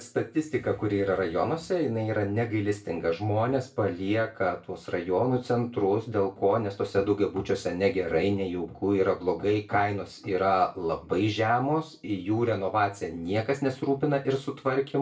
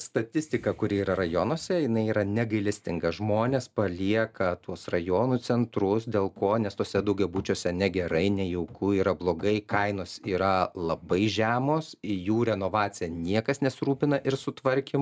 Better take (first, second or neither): second